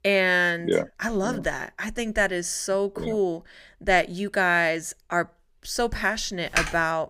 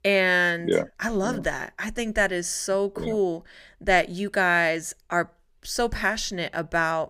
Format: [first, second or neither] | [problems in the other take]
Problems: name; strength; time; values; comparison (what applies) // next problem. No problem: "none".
second | keyboard typing; noticeable; at 6.5 s; peak 1 dB below the speech